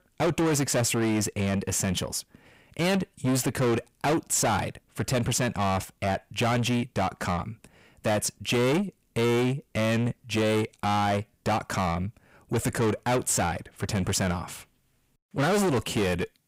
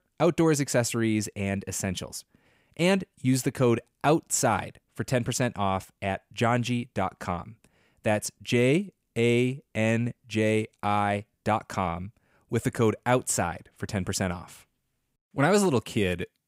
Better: second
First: distortion; heavy; 7 dB below the speech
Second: none

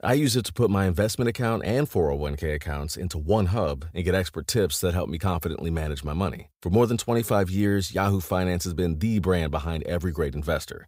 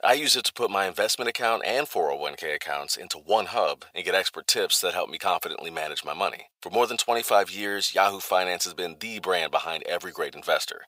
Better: first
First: none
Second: thin; very; fading below 700 Hz

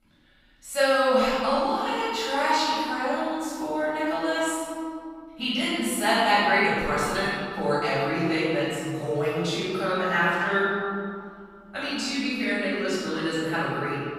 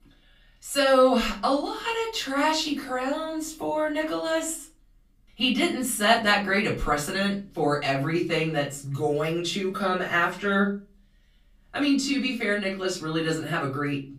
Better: second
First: room echo; strong; dies away in 2.1 s // off-mic speech; far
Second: room echo; slight; dies away in 0.3 s // off-mic speech; far

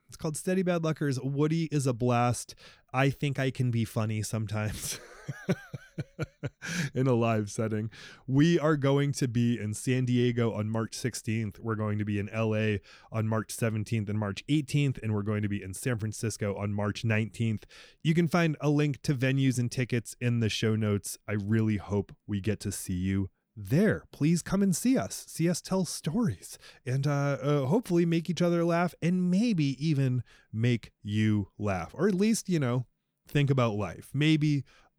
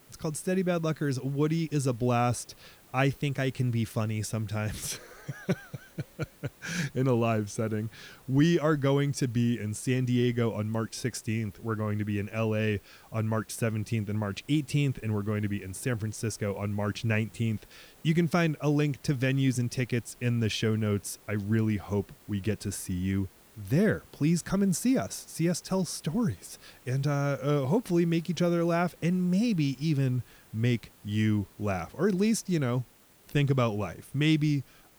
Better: first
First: none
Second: hiss; faint; throughout; 25 dB below the speech

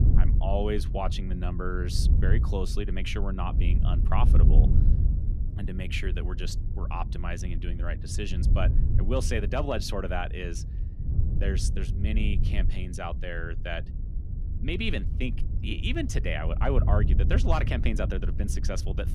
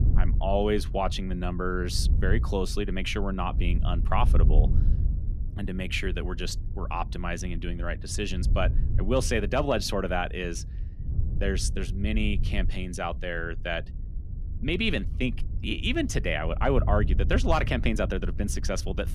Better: second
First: wind noise on the microphone; heavy; 10 dB below the speech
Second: wind noise on the microphone; occasional gusts; 15 dB below the speech

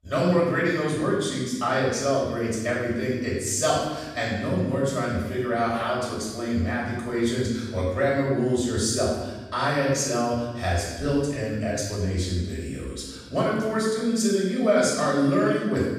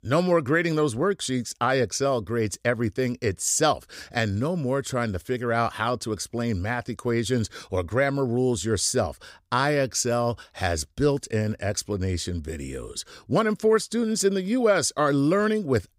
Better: second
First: off-mic speech; far // room echo; strong; dies away in 1.1 s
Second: none

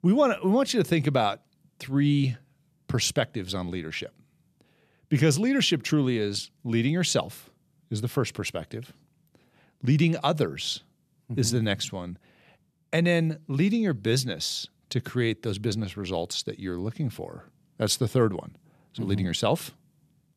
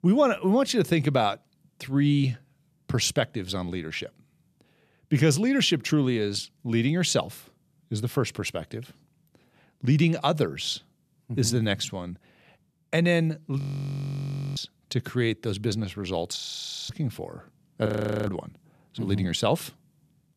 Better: first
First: none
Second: audio freezing; at 14 s for 1 s, at 16 s for 0.5 s and at 18 s

